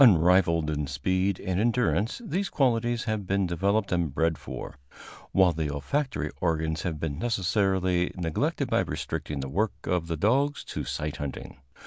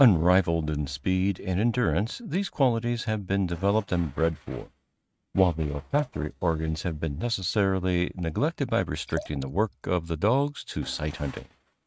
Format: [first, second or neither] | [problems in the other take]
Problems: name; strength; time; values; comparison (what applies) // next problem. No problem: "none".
first | noise reduction (neural mask model RNNoise)